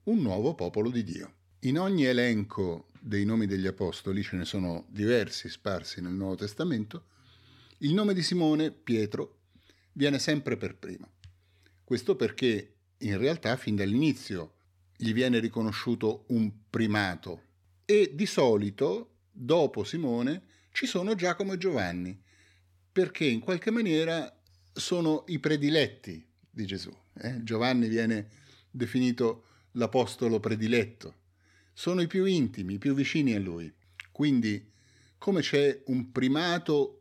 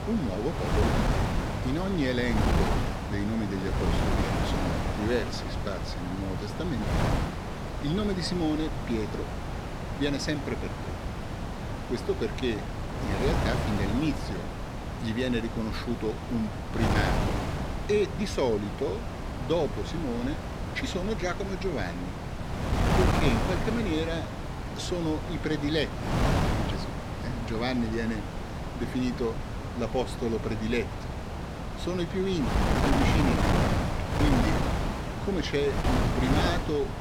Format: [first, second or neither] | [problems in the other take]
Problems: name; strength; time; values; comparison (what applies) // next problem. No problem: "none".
first | wind noise on the microphone; heavy; as loud as the speech